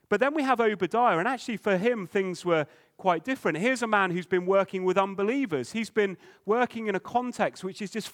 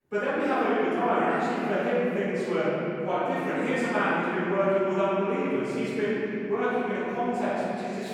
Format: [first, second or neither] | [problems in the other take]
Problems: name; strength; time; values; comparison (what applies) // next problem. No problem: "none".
first | off-mic speech; far // room echo; strong; dies away in 3 s